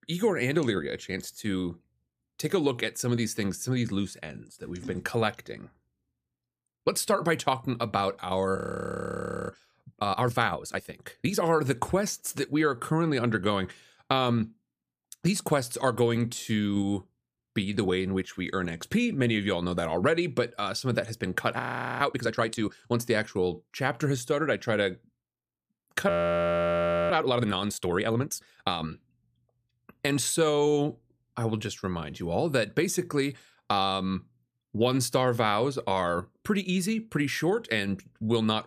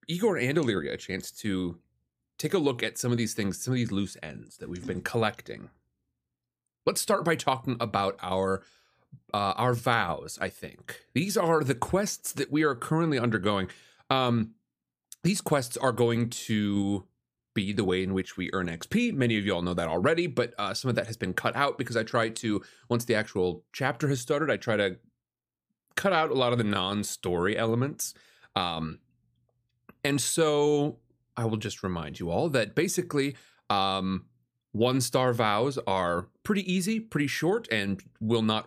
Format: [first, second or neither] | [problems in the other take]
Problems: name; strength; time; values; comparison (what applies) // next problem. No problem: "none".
second | audio freezing; at 8.5 s for 1 s, at 22 s and at 26 s for 1 s